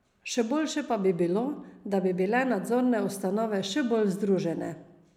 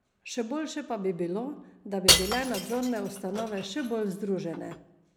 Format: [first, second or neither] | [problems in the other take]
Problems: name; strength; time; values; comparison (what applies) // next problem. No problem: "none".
first | background sound (Shatter / Crushing); 2 dB above the speech